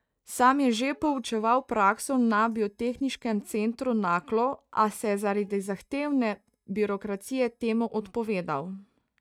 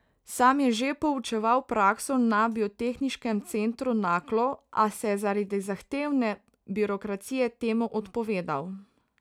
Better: second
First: noise reduction (neural mask model DeepFilterNet 3)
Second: none

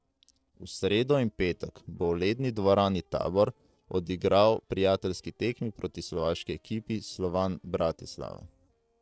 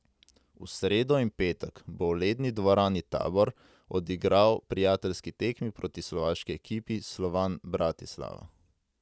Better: second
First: noise reduction (neural separator model SepFormer DNS4)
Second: none

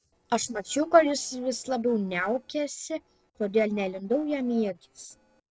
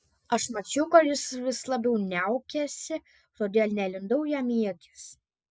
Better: second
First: noise reduction (neural separator model SepFormer DNS4)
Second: none

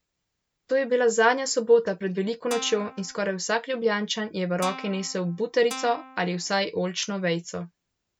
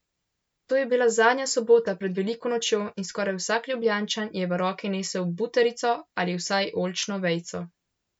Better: second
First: background sound (Guitar); 14 dB below the speech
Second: none

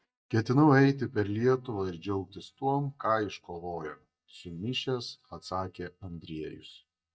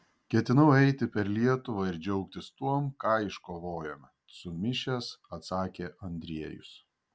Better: second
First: noise reduction (neural mask model DeepFilterNet 3)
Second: none

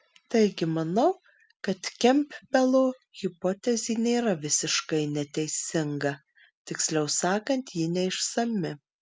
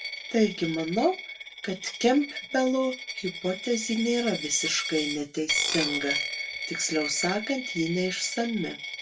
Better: first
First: none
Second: background sound (Coin (dropping)); 6 dB below the speech // room echo; dies away in 0.2 s

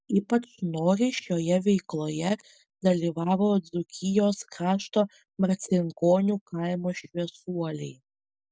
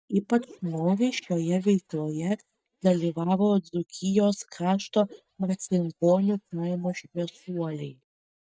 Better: first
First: none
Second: noise reduction (neural mask model DeepFilterNet 3)

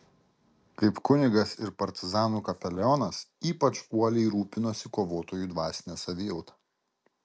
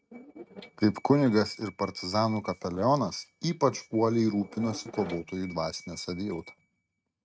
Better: first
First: none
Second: noise reduction (neural mask model RNNoise)

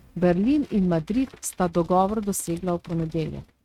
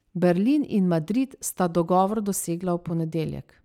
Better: second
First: noise reduction (neural mask model RNNoise)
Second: none

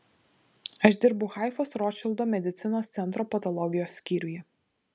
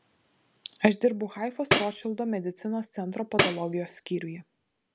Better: first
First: none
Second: background sound (Tambourine); 1 dB below the speech

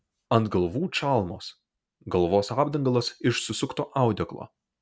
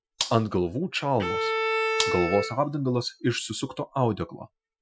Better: first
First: none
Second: noise reduction (classical method Wiener filter)

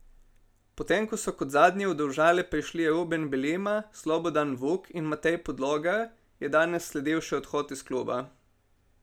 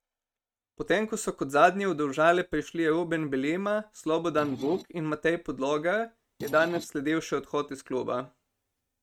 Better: first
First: none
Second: noise reduction (neural mask model RNNoise)

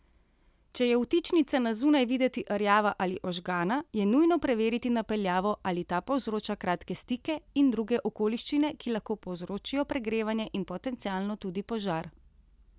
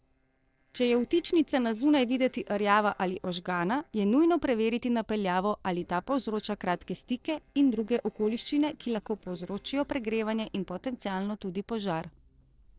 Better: first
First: none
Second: noise reduction (neural separator model SepFormer DNS4)

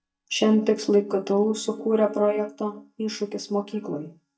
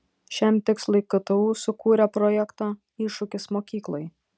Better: second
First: noise reduction (neural mask model DeepFilterNet 3)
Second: none

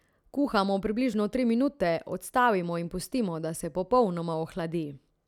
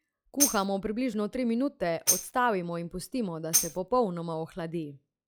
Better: first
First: none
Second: noise reduction (classical method log-MMSE)

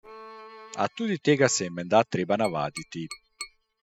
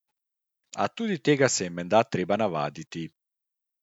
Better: second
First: noise reduction (classical method spectral subtraction)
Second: none

